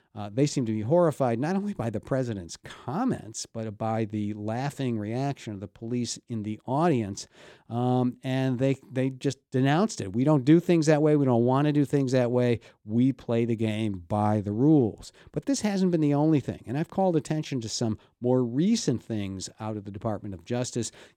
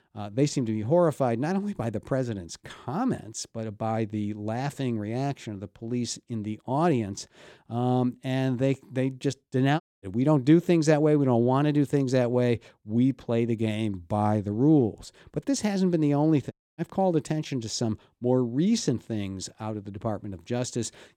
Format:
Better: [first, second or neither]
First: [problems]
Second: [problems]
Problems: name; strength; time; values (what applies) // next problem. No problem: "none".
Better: first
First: none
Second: audio cutting out; at 10 s and at 17 s